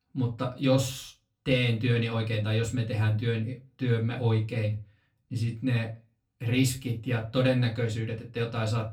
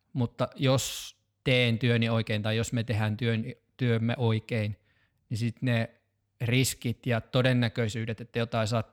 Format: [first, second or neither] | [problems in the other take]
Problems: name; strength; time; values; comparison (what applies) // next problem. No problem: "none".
second | off-mic speech; far // room echo; very slight; dies away in 0.2 s